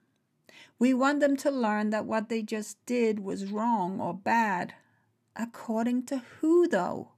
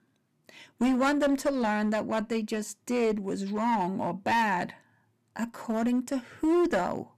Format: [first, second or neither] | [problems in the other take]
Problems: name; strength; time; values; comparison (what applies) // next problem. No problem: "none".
first | distortion; slight; 9% of the sound clipped